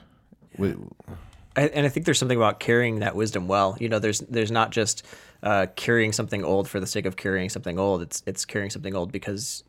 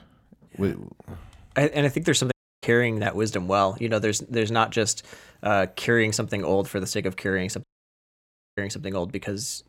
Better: first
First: none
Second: audio cutting out; at 2.5 s and at 7.5 s for 1 s

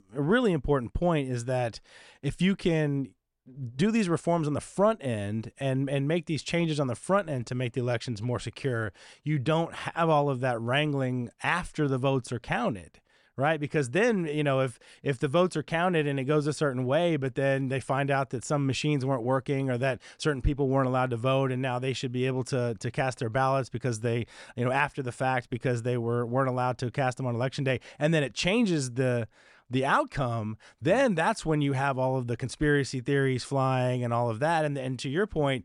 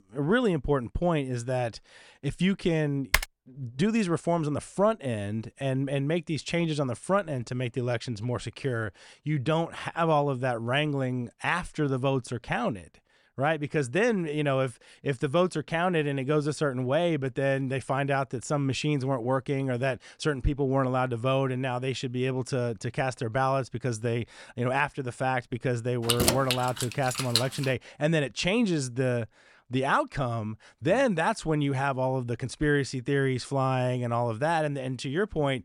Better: first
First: none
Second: keyboard typing; loud; at 3 s; peak 1 dB above the speech // jangling keys; loud; from 26 to 28 s; peak 4 dB above the speech

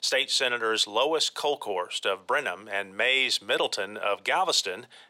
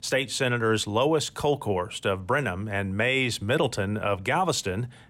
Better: second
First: thin; very; fading below 550 Hz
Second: none

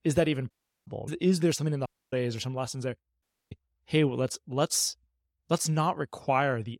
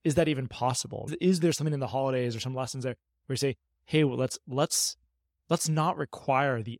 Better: second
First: audio cutting out; at 0.5 s, at 2 s and at 3 s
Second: none

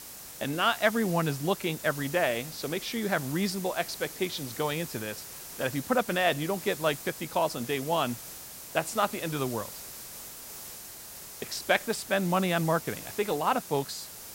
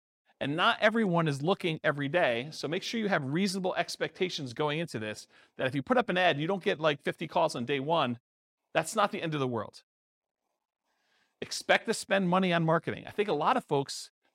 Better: second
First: hiss; noticeable; throughout; 10 dB below the speech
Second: none

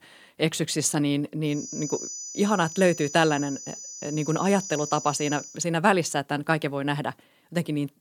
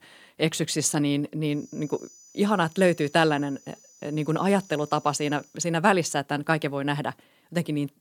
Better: second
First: high-pitched whine; loud; from 1.5 to 5.5 s; 6 kHz, 10 dB below the speech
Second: high-pitched whine; faint; from 1.5 to 5.5 s; 6 kHz, 25 dB below the speech

